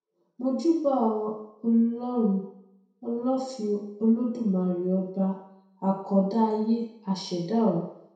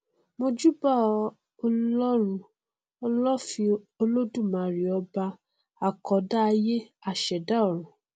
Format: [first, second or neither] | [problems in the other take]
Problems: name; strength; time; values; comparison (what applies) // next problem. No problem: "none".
second | room echo; dies away in 0.7 s